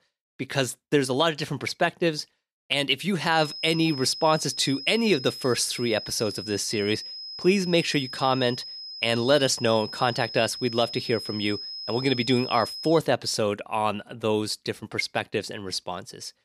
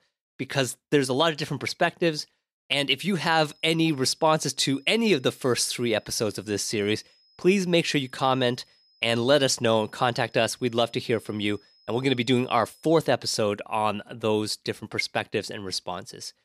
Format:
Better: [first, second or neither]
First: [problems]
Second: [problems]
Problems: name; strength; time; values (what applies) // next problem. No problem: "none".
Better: second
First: high-pitched whine; loud; from 3.5 to 13 s; 5 kHz, 10 dB below the speech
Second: high-pitched whine; faint; from 3.5 to 13 s; 5 kHz, 35 dB below the speech